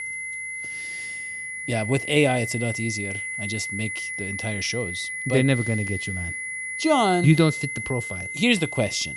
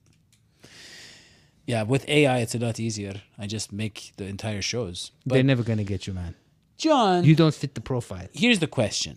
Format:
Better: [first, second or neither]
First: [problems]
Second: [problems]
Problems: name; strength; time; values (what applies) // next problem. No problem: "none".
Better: second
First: high-pitched whine; loud; throughout; 2 kHz, 5 dB below the speech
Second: none